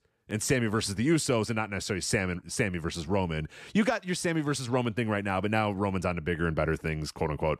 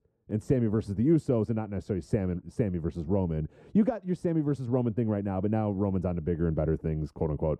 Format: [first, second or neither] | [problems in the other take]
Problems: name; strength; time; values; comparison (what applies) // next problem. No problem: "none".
first | muffled; very; fading above 1 kHz